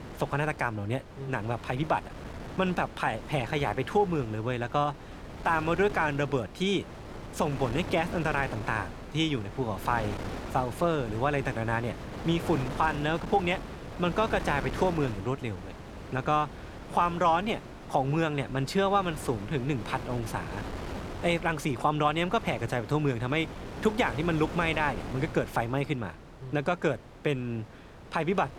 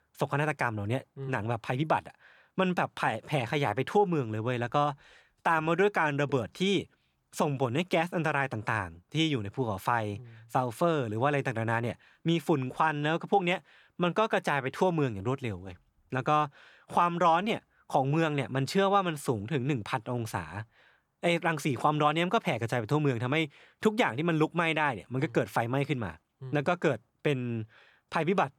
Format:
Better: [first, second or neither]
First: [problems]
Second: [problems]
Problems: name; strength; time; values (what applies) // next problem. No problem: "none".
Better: second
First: wind noise on the microphone; occasional gusts; 15 dB below the speech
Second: none